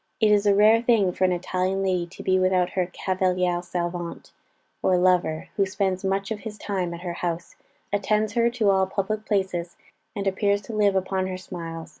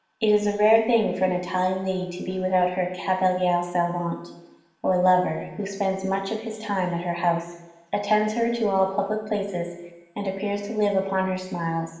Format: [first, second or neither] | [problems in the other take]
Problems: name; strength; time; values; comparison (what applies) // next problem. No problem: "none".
first | room echo; dies away in 1.1 s